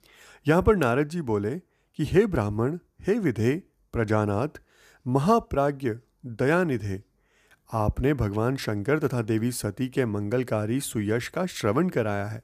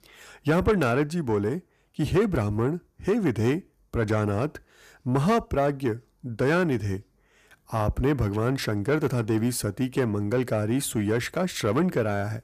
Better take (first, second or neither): first